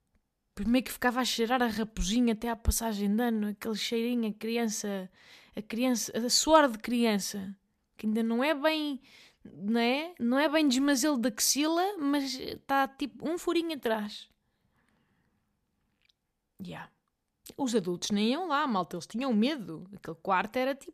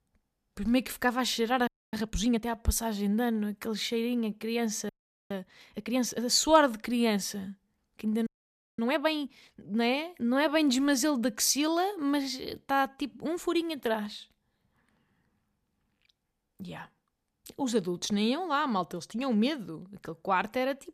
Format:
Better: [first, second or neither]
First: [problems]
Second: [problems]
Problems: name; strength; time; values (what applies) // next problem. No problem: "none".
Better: first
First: none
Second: audio freezing; at 1.5 s, at 5 s and at 8.5 s for 0.5 s